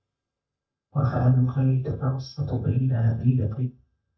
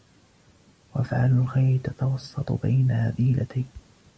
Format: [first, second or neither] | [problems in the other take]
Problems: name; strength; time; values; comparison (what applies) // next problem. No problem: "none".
second | noise reduction (neural mask model DeepFilterNet 3)